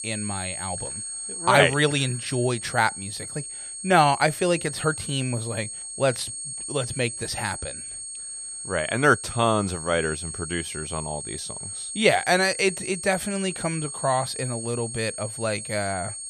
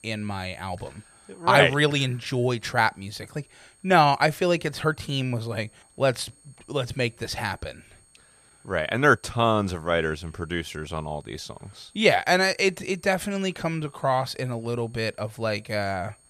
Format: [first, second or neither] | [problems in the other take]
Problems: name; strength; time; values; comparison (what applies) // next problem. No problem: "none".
second | high-pitched whine; loud; throughout; 8.5 kHz, 7 dB below the speech; faint in the second